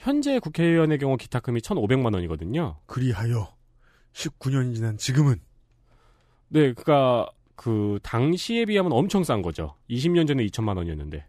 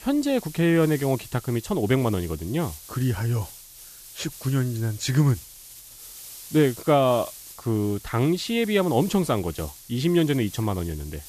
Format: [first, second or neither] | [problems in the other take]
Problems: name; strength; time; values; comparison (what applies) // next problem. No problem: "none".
first | hiss; noticeable; throughout; 15 dB below the speech